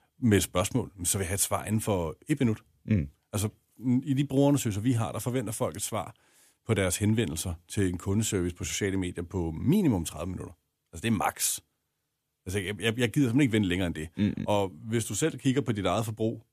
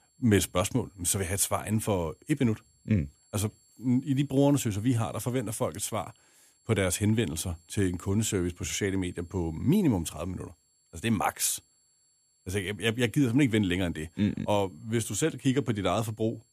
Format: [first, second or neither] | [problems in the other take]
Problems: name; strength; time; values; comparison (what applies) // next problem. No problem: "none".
first | high-pitched whine; faint; throughout; 7.5 kHz, 35 dB below the speech